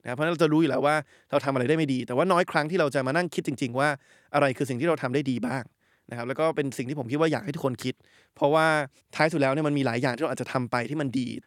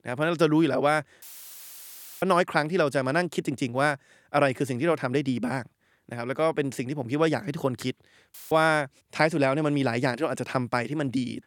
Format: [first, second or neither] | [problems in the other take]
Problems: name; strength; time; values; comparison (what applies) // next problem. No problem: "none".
first | audio cutting out; filled with static; at 1 s for 1 s and at 8.5 s